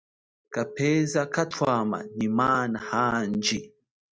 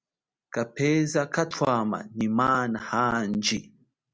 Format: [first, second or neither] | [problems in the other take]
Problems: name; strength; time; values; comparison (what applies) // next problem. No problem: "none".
second | noise reduction (neural mask model DeepFilterNet 3)